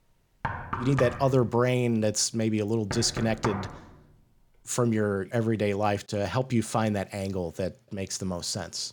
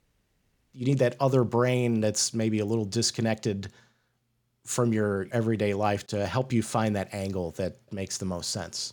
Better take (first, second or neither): second